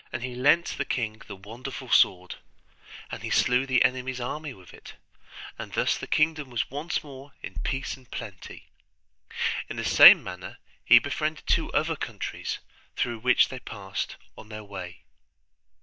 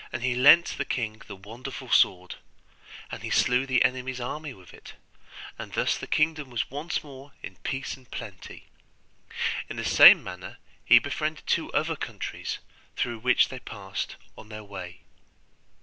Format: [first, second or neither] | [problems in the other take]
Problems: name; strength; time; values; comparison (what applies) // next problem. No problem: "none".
second | noise reduction (neural mask model DeepFilterNet 3)